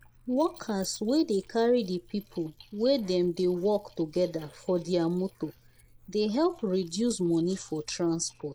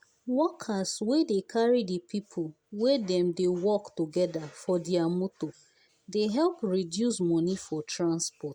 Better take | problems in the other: second | noise reduction (neural mask model Resemble Enhance denoiser)

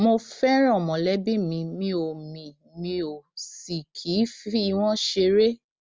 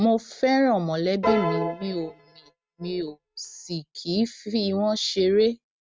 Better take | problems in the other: first | noise reduction (neural mask model RNNoise)

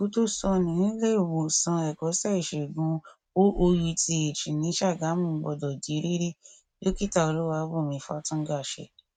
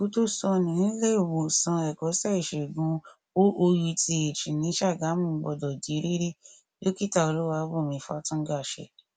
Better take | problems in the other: second | noise reduction (neural mask model RNNoise)

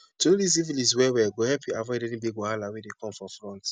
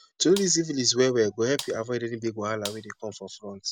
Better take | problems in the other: first | background sound (Gunshot, gunfire); 17 dB below the speech

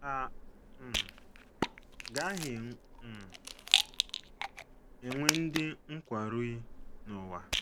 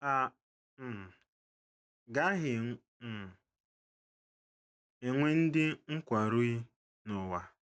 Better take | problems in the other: second | background sound (Rattle); 2 dB above the speech

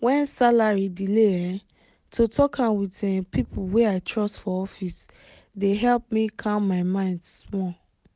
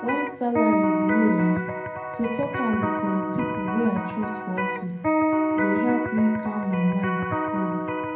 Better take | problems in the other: first | background sound (Electric guitar); as loud as the speech // room echo; dies away in 0.6 s

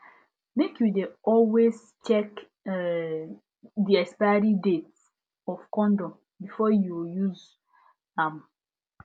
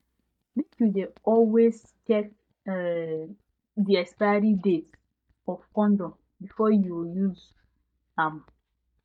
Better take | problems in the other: first | noise reduction (neural mask model DeepFilterNet 3)

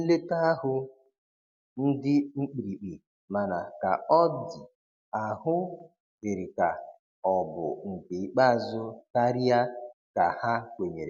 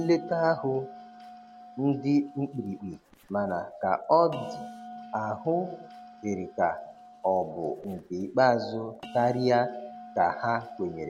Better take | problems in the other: first | background sound (Bell); 18 dB below the speech

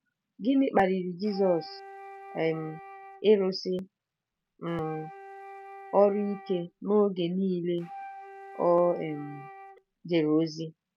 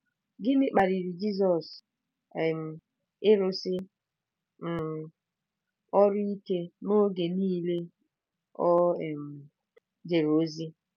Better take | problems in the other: second | background sound (Wind instrument, woodwind instrument); 17 dB below the speech

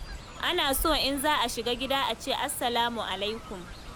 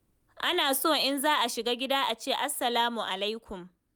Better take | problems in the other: second | background sound (Fowl); 12 dB below the speech

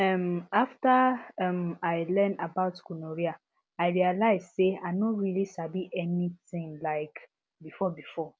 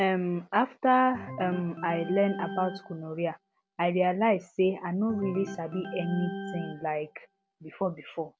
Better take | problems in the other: first | background sound (Organ); 13 dB below the speech

